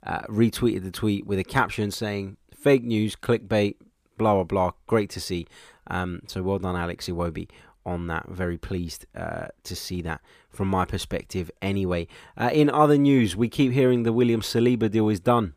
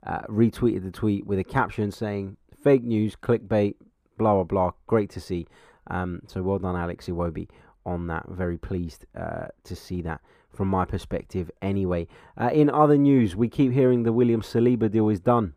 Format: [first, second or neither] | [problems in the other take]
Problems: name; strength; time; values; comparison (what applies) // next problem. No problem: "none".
first | muffled; slightly; fading above 2 kHz